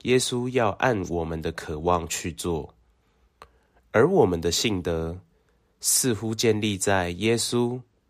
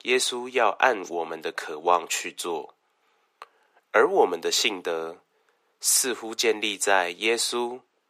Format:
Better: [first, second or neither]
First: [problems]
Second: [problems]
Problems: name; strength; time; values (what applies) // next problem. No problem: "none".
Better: first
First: none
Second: thin; very; fading below 400 Hz